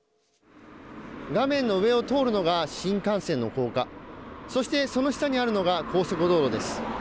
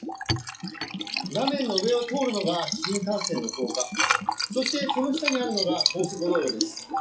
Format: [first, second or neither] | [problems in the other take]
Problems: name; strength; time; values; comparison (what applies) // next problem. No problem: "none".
first | noise reduction (classical method WPE with log-MMSE)